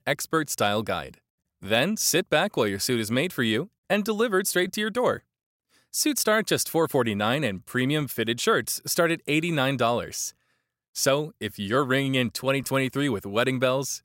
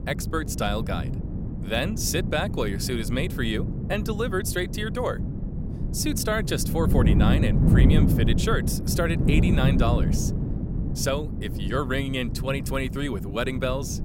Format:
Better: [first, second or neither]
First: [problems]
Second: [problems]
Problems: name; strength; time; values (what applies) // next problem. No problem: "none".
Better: first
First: none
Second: wind noise on the microphone; heavy; 7 dB below the speech